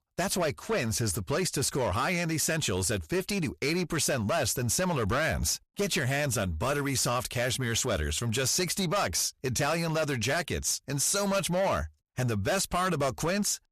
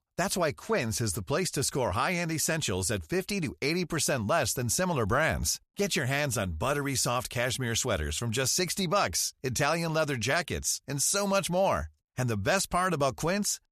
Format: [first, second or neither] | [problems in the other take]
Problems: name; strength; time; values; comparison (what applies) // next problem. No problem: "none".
second | distortion; slight; 12% of the sound clipped